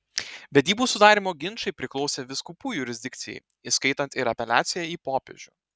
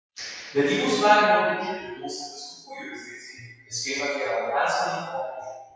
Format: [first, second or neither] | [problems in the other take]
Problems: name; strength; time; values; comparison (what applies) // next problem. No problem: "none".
first | noise reduction (classical method WPE with log-MMSE)